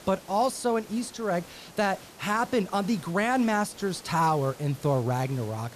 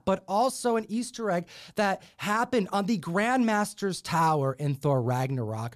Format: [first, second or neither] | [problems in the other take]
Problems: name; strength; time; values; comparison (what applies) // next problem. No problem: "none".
second | hiss; noticeable; throughout; 20 dB below the speech